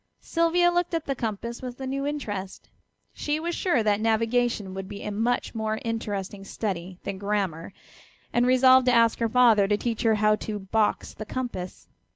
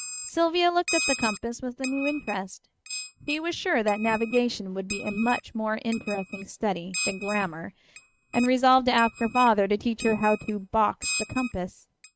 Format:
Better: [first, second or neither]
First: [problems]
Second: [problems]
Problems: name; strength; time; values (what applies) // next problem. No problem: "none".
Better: first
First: none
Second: noise reduction (neural mask model RNNoise)